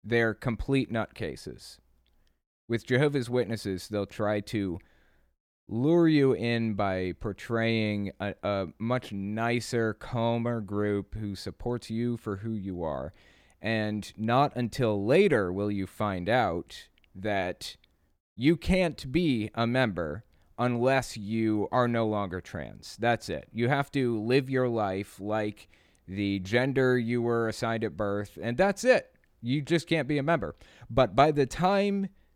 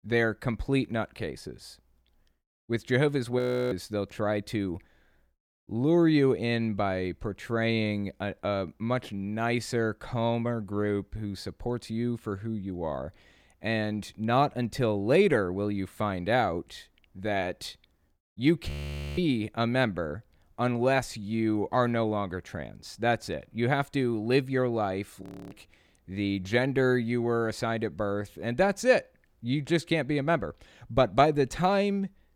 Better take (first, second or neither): first